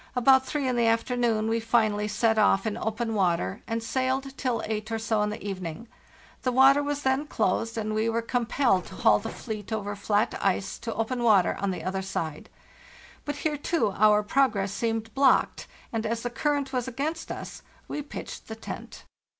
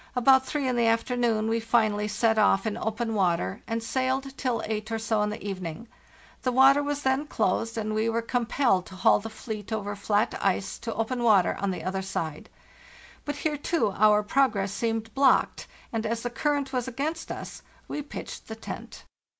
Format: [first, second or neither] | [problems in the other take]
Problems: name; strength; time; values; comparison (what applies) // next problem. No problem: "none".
second | background sound (Mechanisms); 15 dB below the speech